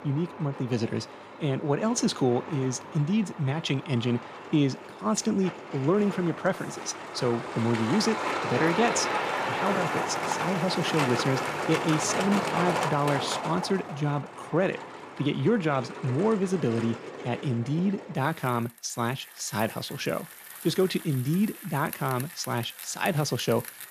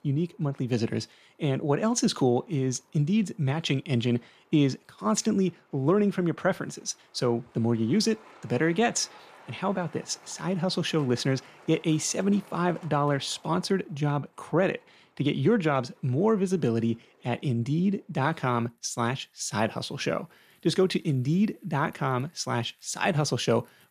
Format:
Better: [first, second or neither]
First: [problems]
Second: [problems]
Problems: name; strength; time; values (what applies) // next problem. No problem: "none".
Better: second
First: traffic noise; loud; throughout; 5 dB below the speech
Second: traffic noise; faint; throughout; 30 dB below the speech